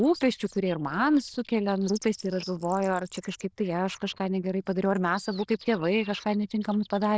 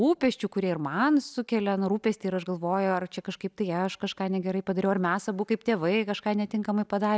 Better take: second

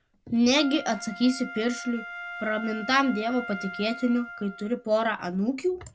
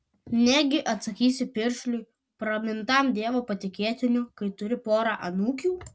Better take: second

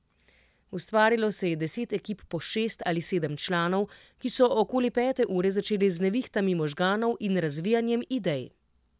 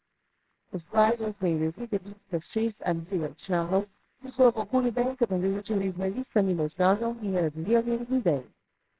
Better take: first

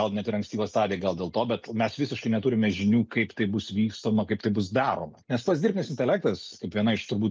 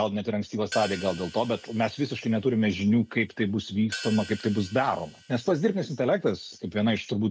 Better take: first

